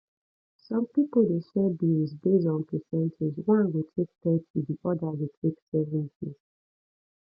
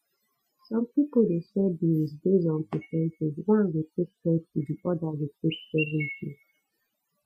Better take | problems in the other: first | noise reduction (classical method Wiener filter)

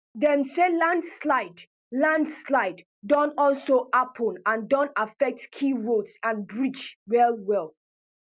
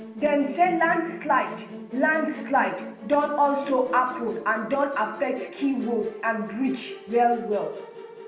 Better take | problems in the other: first | background sound (Musical instrument); 14 dB below the speech // room echo; dies away in 0.6 s

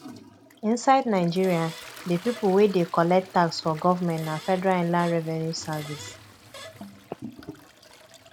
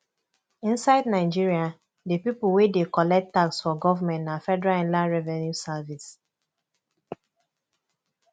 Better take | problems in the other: second | background sound (Fart + Toilet flush); 18 dB below the speech

